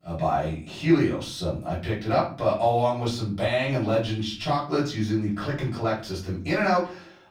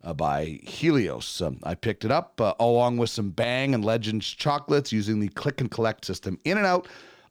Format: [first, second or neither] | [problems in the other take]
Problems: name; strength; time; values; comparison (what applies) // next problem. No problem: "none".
second | off-mic speech; far // room echo; slight; dies away in 0.4 s